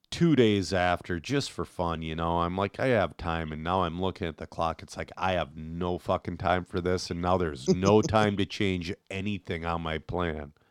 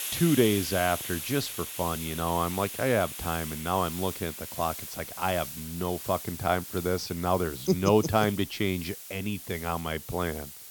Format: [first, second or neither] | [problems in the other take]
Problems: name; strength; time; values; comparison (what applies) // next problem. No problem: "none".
first | hiss; loud; throughout; 8 dB below the speech